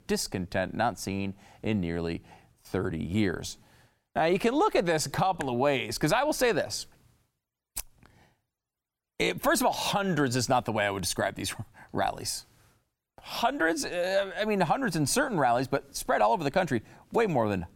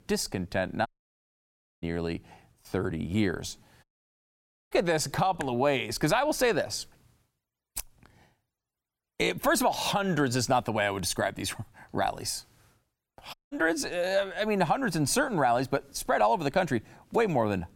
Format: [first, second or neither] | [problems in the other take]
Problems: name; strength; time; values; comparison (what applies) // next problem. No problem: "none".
first | audio cutting out; at 1 s for 1 s, at 4 s for 1 s and at 13 s